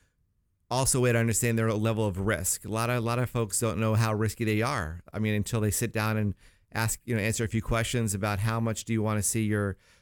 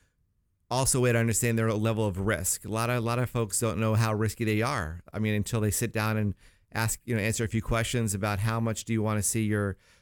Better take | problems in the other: neither | none

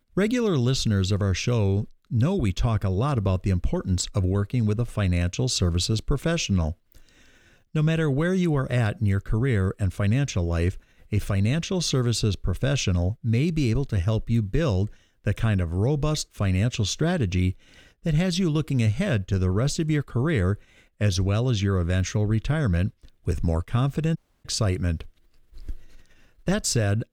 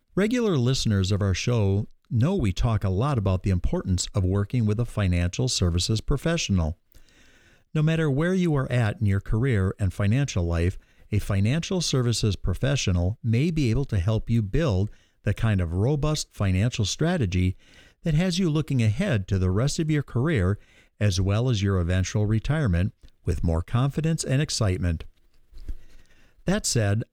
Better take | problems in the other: second | audio cutting out; at 24 s

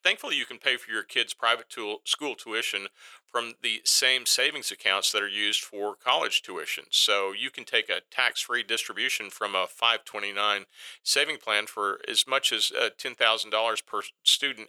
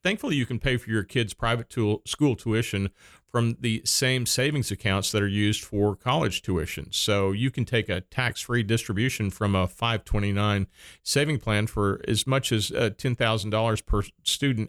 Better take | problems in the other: second | thin; very; fading below 500 Hz

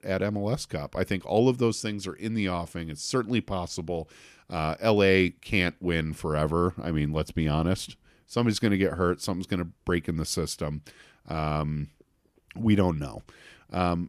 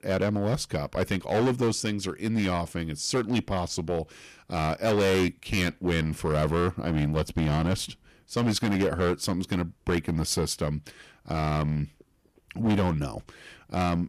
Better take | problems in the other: first | distortion; heavy; 10% of the sound clipped

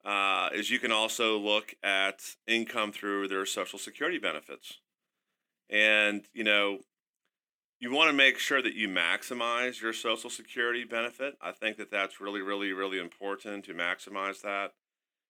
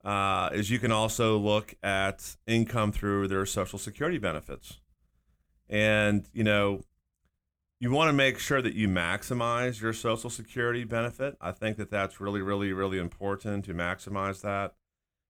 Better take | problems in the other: second | thin; somewhat; fading below 300 Hz

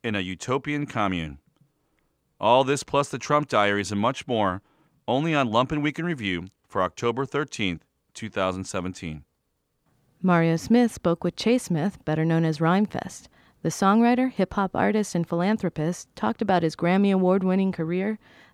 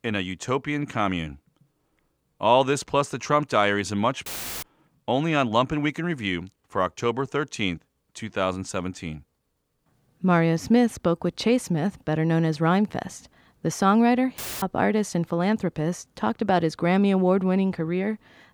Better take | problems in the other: first | audio cutting out; filled with static; at 4.5 s and at 14 s

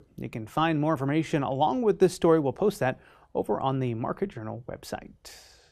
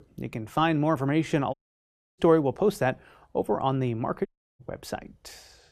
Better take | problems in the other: first | audio cutting out; at 1.5 s for 0.5 s and at 4.5 s

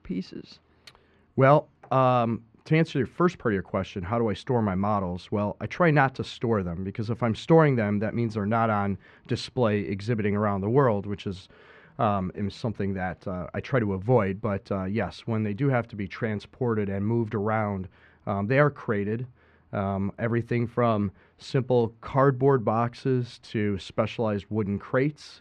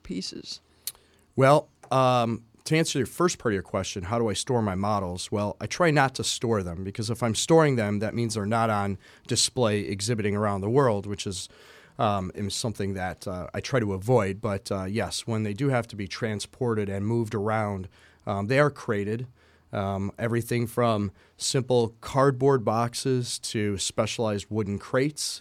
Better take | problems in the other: second | muffled; very; fading above 2 kHz

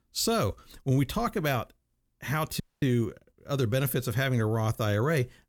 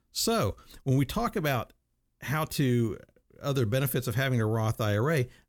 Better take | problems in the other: second | audio freezing; at 2.5 s

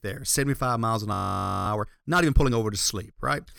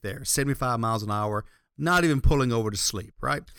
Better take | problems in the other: second | audio freezing; at 1 s for 0.5 s

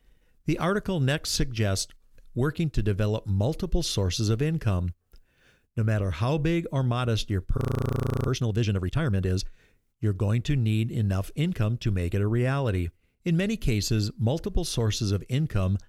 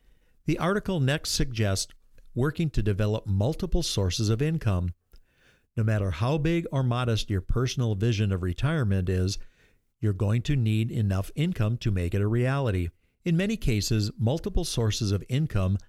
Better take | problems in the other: second | audio freezing; at 7.5 s for 0.5 s

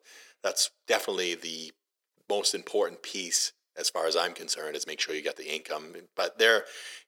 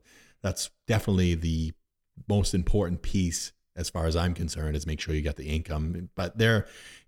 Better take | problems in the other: second | thin; very; fading below 400 Hz

